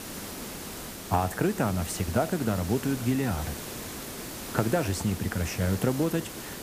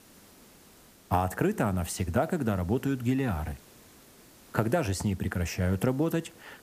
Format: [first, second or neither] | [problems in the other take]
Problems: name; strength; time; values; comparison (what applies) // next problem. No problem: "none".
second | hiss; loud; throughout; 9 dB below the speech; faint in the second